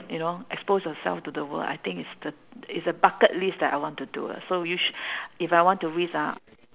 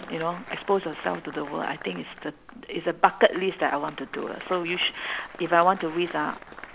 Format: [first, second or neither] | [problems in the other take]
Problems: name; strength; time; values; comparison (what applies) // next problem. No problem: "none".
first | background sound (Applause); 16 dB below the speech